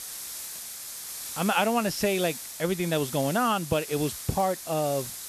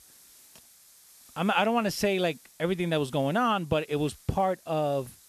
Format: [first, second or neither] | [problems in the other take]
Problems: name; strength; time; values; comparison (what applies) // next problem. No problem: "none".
second | hiss; loud; throughout; 9 dB below the speech; faint in the second